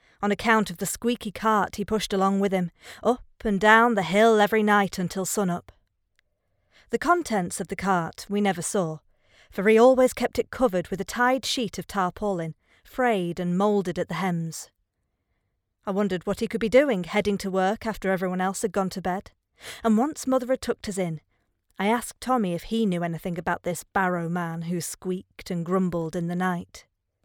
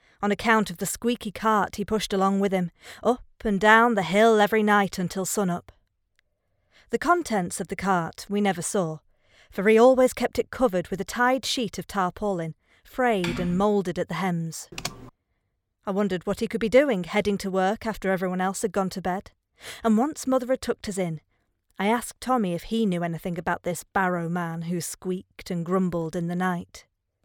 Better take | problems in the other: first | keyboard typing; noticeable; at 13 s and at 15 s; peak 8 dB below the speech

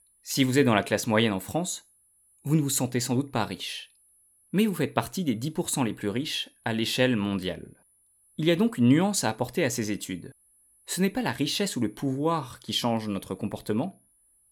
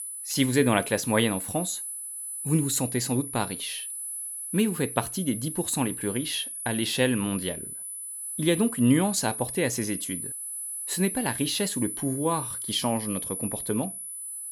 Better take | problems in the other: first | high-pitched whine; loud; throughout; 10 kHz, 5 dB below the speech; faint in the first

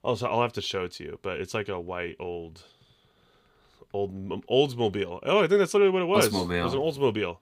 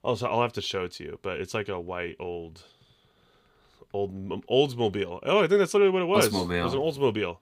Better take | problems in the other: neither | none

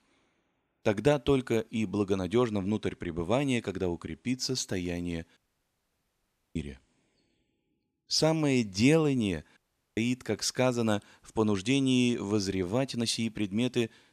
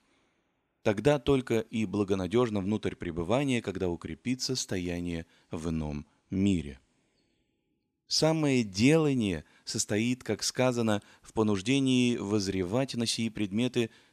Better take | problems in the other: second | audio cutting out; at 5.5 s for 1 s and at 9.5 s

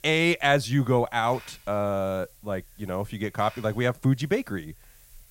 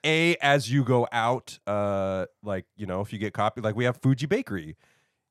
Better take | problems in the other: second | hiss; faint; throughout; 25 dB below the speech

